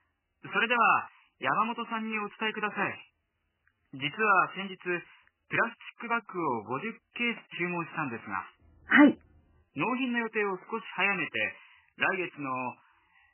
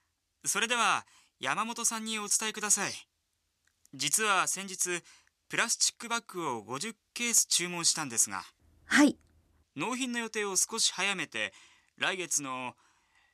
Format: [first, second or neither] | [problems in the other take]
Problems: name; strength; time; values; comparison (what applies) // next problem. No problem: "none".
second | garbled, watery; badly; nothing above 3 kHz